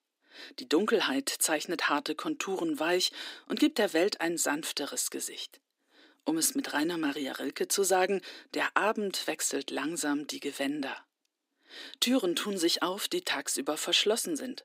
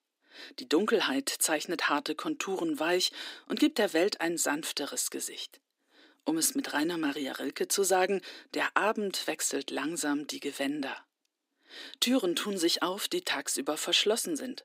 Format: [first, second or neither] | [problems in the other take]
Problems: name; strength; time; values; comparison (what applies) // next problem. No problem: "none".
neither | thin; somewhat; fading below 300 Hz; the same in both